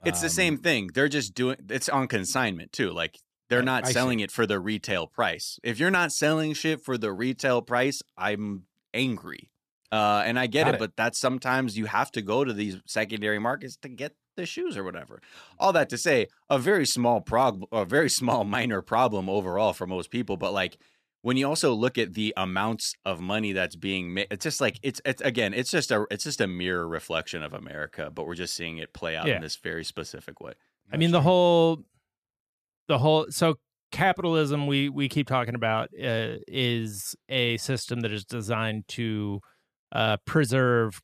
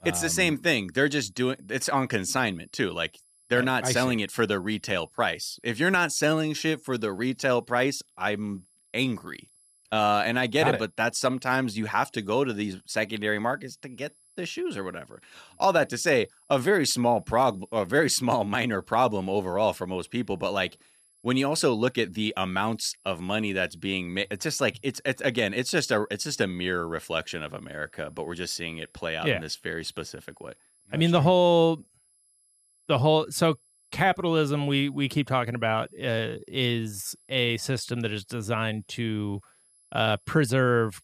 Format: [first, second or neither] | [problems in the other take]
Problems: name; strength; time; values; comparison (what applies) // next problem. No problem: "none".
first | high-pitched whine; faint; throughout; 11 kHz, 35 dB below the speech